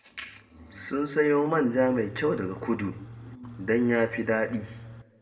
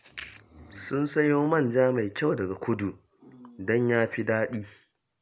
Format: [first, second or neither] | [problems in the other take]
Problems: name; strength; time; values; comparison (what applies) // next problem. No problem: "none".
second | background sound (Engine / Truck); 16 dB below the speech // room echo; dies away in 1.2 s